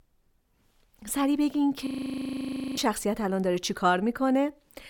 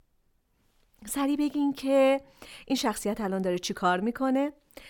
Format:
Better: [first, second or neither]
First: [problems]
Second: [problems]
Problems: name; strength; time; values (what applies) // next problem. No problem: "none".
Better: second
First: audio freezing; at 2 s for 1 s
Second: none